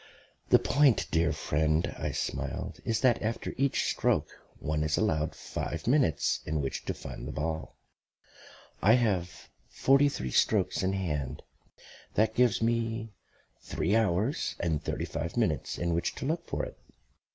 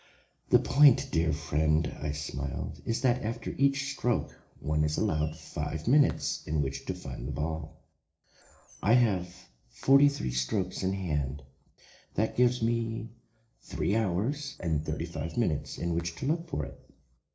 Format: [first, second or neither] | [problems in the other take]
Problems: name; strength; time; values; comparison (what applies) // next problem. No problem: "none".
first | noise reduction (neural separator model SepFormer DNS4)